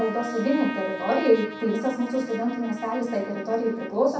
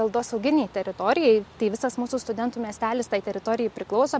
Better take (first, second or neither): second